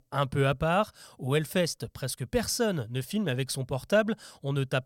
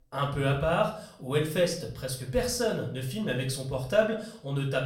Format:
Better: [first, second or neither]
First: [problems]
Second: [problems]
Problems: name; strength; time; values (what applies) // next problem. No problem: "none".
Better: first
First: none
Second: room echo; slight; dies away in 0.4 s // off-mic speech; far